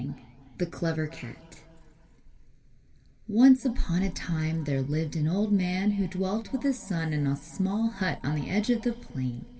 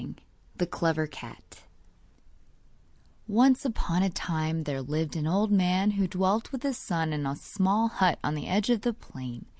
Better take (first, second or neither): second